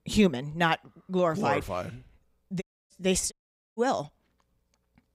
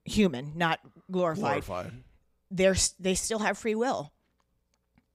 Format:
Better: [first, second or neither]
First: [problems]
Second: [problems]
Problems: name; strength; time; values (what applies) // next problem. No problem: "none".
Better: second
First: audio cutting out; at 2.5 s and at 3.5 s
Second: none